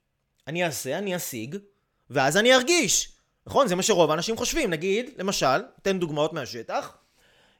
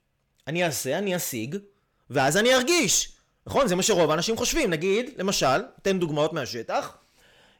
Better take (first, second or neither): first